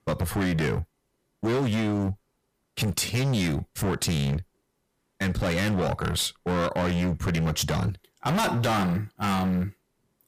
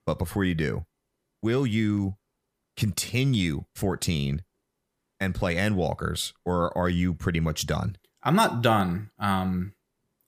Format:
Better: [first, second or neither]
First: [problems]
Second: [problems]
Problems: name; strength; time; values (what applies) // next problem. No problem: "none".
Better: second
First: distortion; heavy; 22% of the sound clipped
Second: none